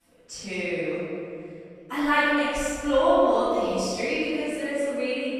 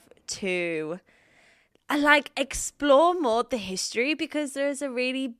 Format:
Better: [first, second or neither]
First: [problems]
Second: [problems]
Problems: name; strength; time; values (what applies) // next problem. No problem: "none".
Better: second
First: off-mic speech; far // room echo; strong; dies away in 2.9 s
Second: none